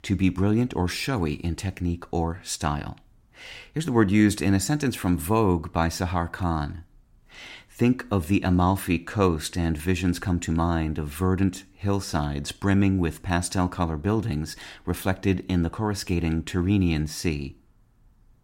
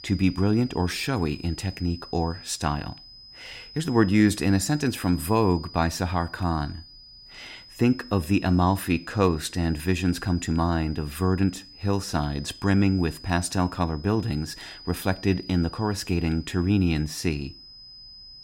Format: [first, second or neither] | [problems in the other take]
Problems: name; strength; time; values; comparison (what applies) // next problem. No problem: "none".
first | high-pitched whine; noticeable; throughout; 5 kHz, 20 dB below the speech